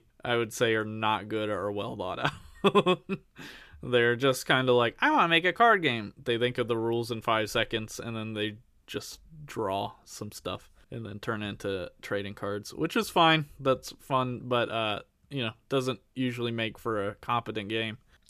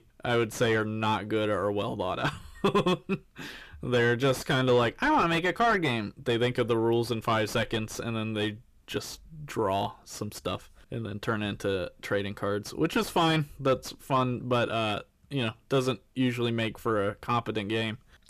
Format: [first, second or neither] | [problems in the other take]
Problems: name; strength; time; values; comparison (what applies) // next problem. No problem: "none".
first | distortion; heavy; 7 dB below the speech